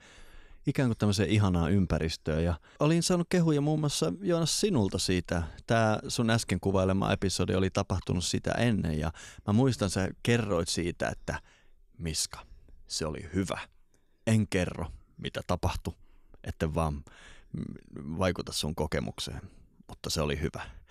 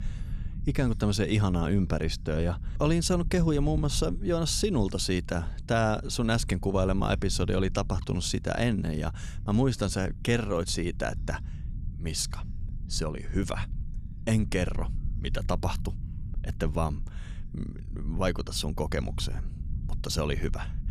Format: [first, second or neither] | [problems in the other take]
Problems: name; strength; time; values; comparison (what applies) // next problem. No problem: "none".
first | low rumble; faint; throughout; 20 dB below the speech